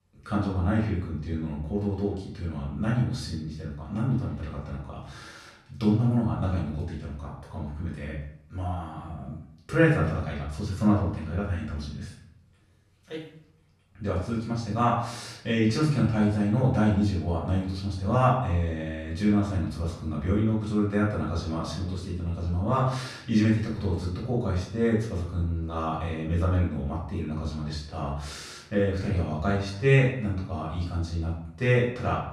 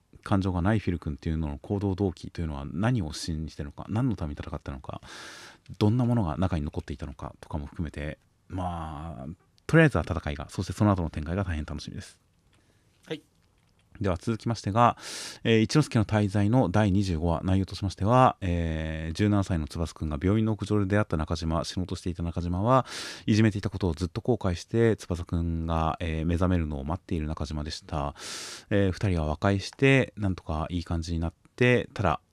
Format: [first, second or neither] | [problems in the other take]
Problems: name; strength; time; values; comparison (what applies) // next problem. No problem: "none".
second | off-mic speech; far // room echo; noticeable; dies away in 0.6 s